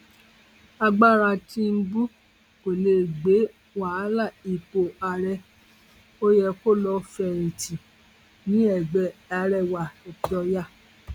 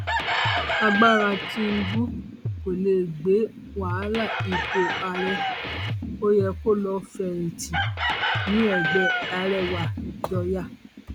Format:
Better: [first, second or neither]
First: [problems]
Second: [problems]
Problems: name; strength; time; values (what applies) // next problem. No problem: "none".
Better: first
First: none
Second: background sound (Chicken, rooster + Drum kit); 2 dB below the speech